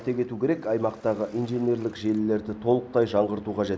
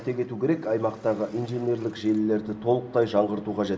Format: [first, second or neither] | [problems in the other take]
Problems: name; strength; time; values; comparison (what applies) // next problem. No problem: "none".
first | room echo; dies away in 2.7 s